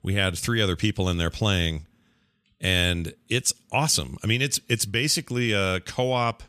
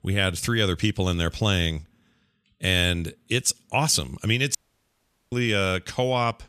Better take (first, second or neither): first